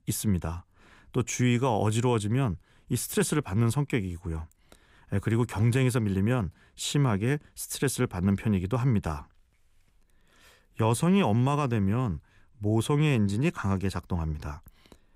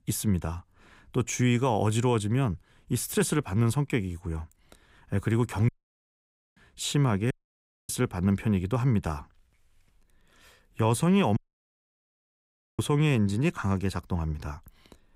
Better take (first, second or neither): first